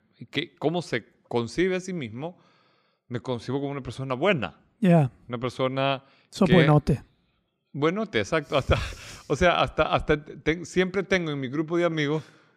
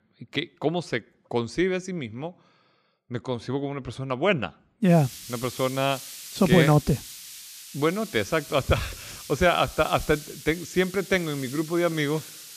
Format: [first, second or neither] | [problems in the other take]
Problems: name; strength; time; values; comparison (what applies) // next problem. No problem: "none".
first | hiss; noticeable; from 5 s on; 15 dB below the speech